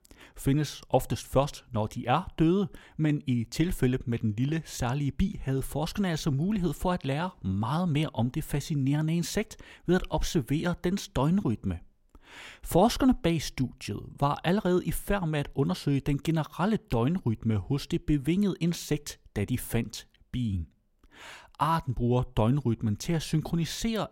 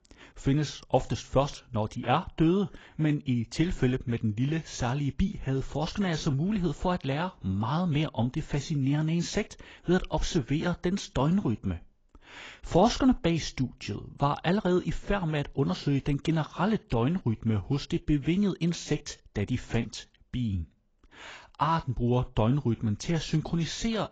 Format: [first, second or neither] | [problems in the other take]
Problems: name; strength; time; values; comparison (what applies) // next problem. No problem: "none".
first | garbled, watery; badly; nothing above 7.5 kHz